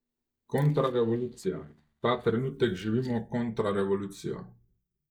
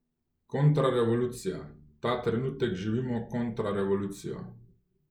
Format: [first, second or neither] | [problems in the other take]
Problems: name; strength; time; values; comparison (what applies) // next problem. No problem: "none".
second | noise reduction (neural mask model DeepFilterNet 3)